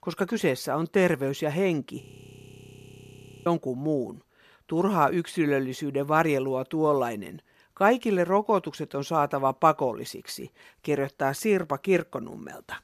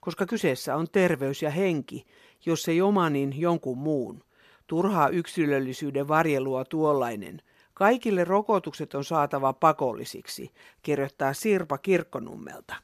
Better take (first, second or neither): second